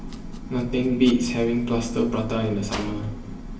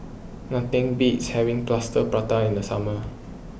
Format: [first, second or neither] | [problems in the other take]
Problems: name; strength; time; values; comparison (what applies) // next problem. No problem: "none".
second | background sound (Domestic sounds, home sounds); 19 dB below the speech // room echo; dies away in 0.9 s